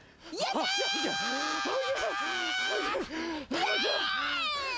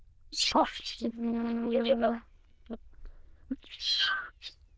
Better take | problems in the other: first | noise reduction (neural diffusion model UNIVERSE++)

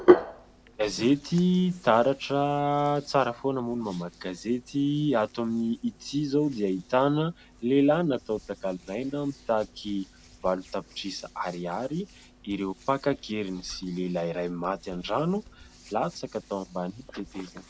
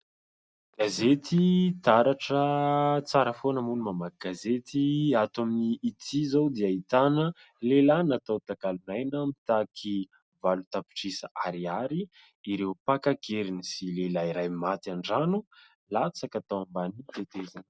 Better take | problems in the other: second | background sound (Hands); 7 dB below the speech

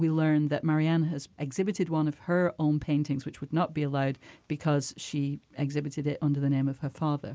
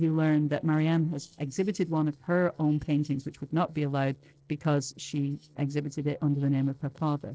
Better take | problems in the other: first | noise reduction (neural separator model SepFormer DNS4)

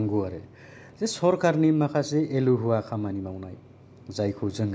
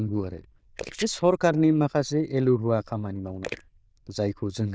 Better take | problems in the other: first | noise reduction (neural diffusion model UNIVERSE++)

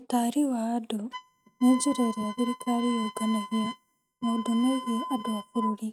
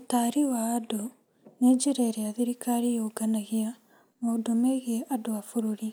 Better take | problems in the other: second | noise reduction (neural mask model RNNoise)

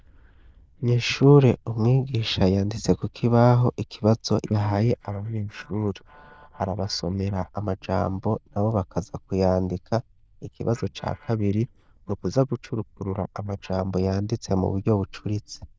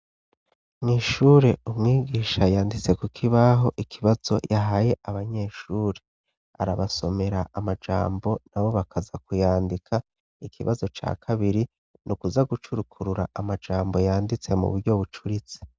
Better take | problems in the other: second | noise reduction (neural diffusion model UNIVERSE++)

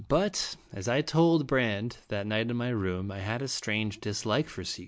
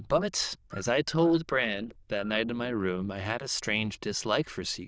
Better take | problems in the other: first | noise reduction (neural diffusion model UNIVERSE++)

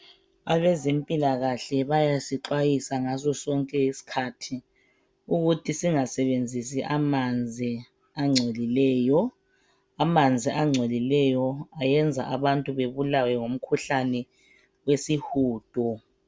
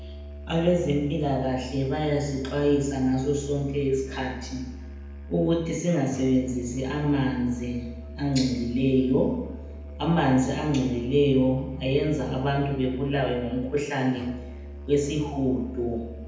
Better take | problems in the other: first | background sound (Musical instrument); 13 dB below the speech // room echo; dies away in 0.9 s

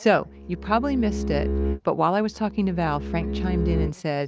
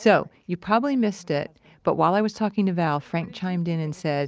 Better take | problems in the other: second | background sound (Bowed string instrument); 3 dB below the speech

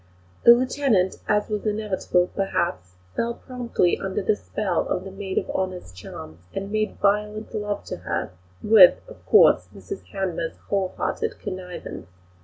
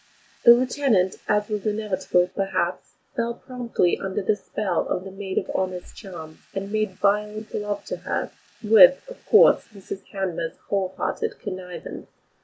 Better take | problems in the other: first | noise reduction (neural mask model Resemble Enhance denoiser)

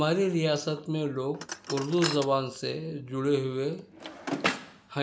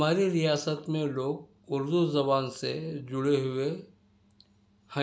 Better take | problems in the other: second | background sound (Drawer open or close); 9 dB below the speech

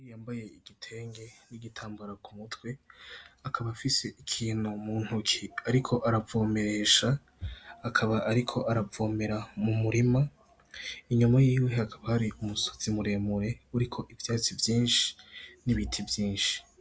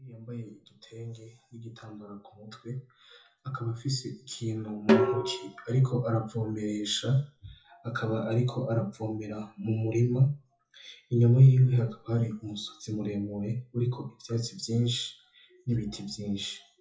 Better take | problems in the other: first | noise reduction (classical method WPE with log-MMSE)

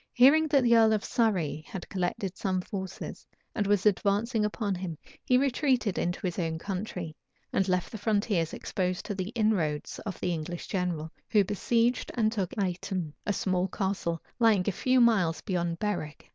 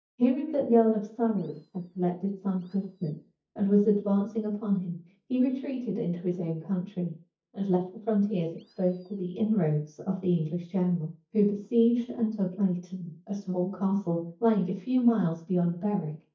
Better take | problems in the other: first | noise reduction (neural mask model DeepFilterNet 3)

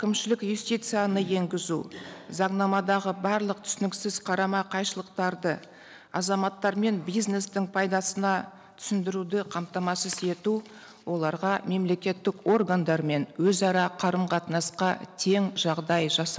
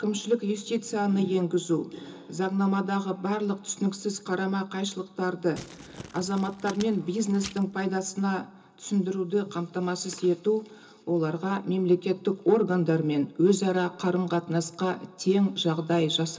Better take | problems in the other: first | background sound (Crumpling, crinkling); 17 dB below the speech // room echo; dies away in 0.2 s

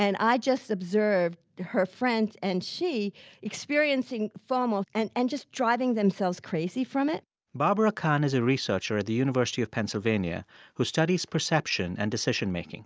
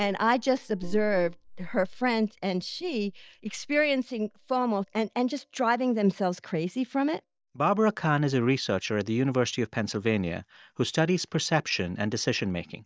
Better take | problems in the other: first | noise reduction (neural mask model DeepFilterNet 3)

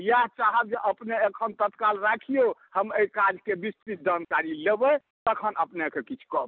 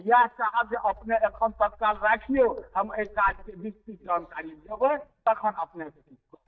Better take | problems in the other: first | noise reduction (neural mask model DeepFilterNet 3)

